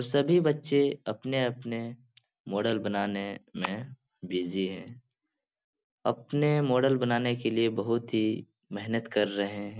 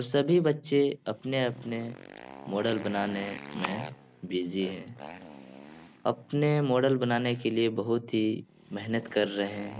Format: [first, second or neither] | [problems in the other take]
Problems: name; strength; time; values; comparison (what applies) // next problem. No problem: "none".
first | background sound (Motorcycle); 18 dB below the speech